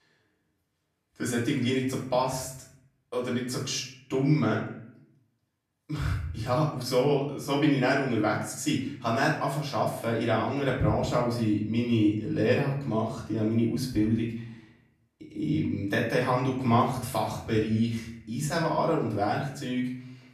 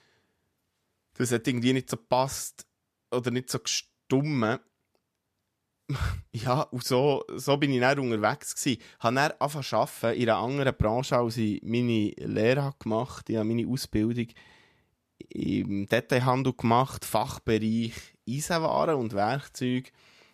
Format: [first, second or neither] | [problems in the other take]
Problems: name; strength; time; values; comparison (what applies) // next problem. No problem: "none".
second | off-mic speech; far // room echo; noticeable; dies away in 0.6 s